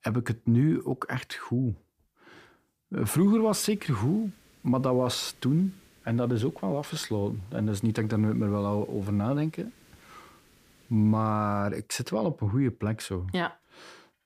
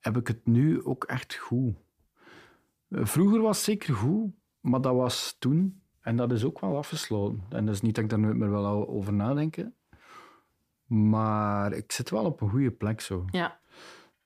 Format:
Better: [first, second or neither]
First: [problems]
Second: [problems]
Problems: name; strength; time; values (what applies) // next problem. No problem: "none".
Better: second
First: hiss; faint; from 3 to 12 s; 30 dB below the speech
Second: none